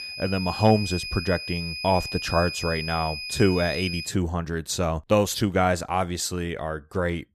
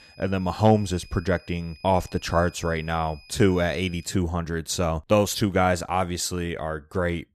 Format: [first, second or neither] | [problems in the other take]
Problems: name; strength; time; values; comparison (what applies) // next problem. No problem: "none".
second | high-pitched whine; loud; until 4 s; 2.5 kHz, 6 dB below the speech; faint in the second